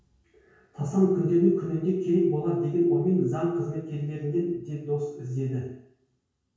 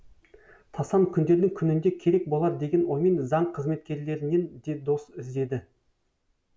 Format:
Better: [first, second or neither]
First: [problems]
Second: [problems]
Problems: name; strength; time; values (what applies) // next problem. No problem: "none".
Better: second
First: room echo; dies away in 0.6 s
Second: none